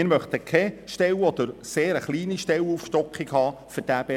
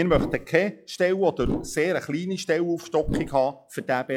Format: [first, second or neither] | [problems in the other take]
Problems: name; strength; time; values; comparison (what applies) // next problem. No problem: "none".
first | noise reduction (classical method log-MMSE)